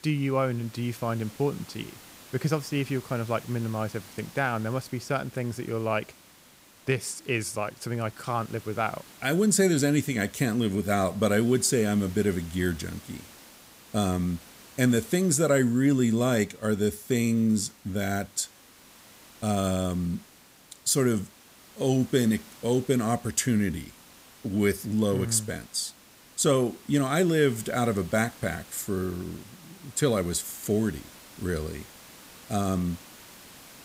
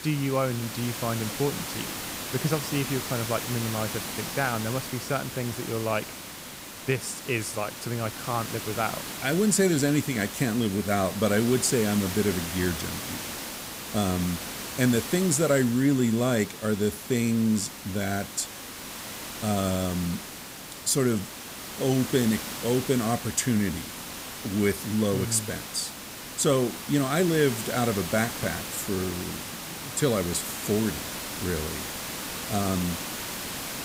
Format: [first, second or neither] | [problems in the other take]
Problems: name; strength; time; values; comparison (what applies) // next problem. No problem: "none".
first | hiss; loud; throughout; 7 dB below the speech; faint in the first